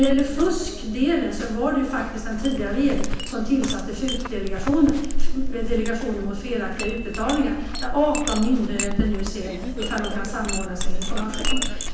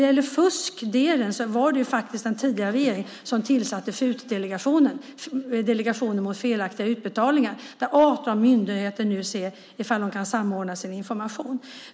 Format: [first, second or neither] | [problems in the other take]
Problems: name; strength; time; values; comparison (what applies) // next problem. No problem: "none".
second | background sound (Chink, clink); as loud as the speech // room echo; dies away in 0.9 s